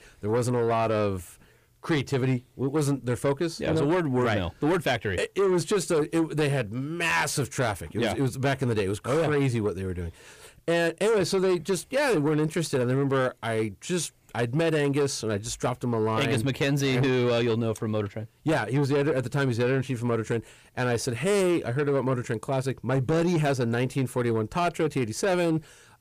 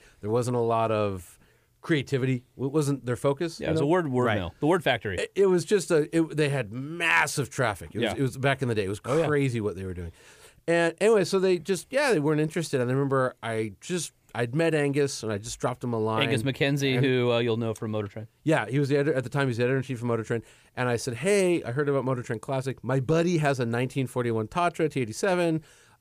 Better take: second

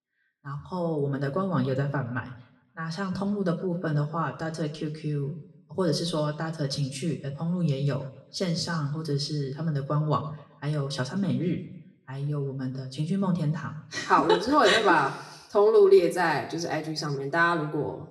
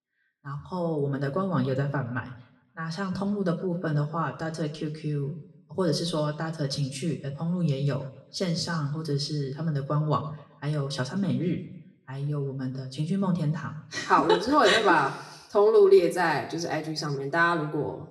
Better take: neither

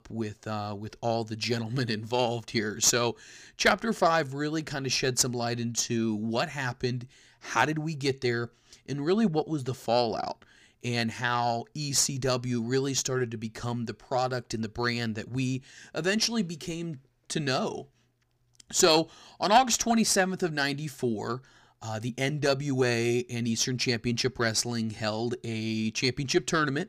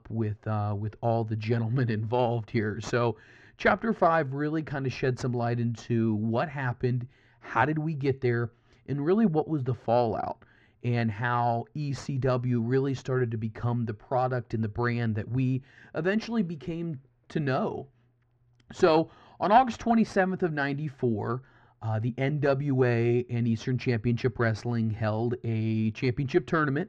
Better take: first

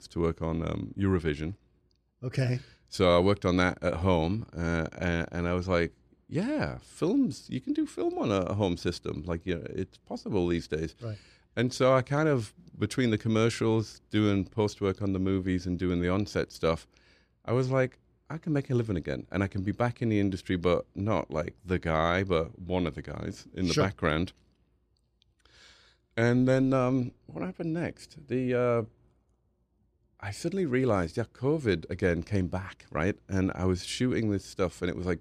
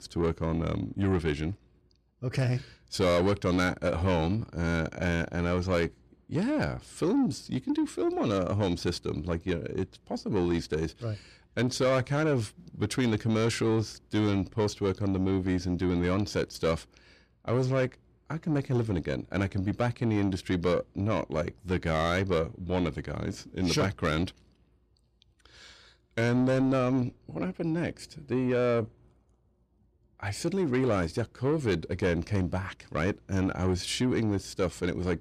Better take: first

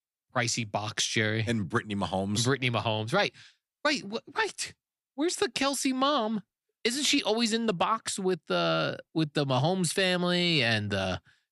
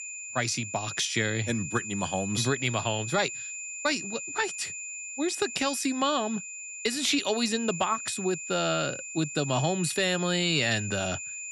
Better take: first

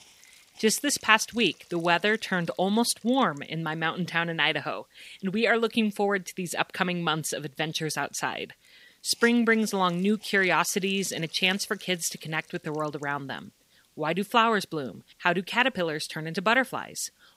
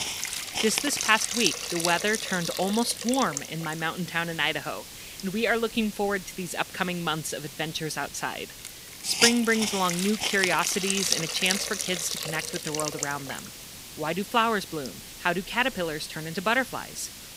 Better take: first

